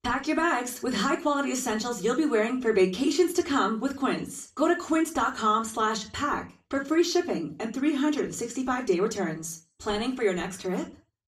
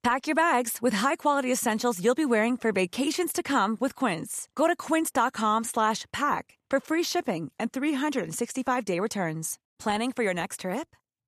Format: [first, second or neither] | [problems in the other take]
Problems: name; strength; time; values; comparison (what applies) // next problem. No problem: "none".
second | room echo; slight; dies away in 0.3 s // off-mic speech; far